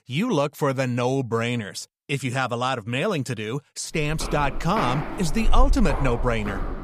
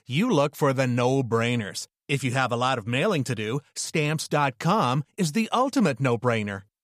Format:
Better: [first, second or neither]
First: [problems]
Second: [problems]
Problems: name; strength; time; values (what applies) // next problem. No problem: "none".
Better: second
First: footsteps; loud; from 4 s on; peak level with the speech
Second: none